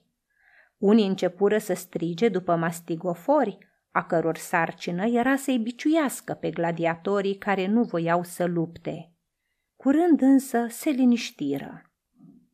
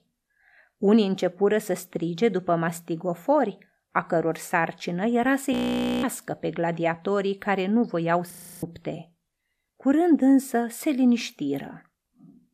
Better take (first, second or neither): first